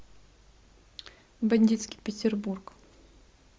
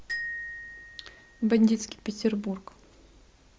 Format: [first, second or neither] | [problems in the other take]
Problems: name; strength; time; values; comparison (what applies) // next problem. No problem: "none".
first | background sound (Glockenspiel); 12 dB below the speech